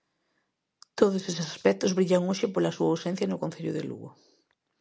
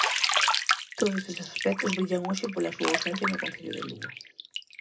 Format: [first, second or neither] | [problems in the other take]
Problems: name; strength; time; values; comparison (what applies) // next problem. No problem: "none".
first | background sound (Bathtub (filling or washing)); 1 dB above the speech // room echo; dies away in 0.2 s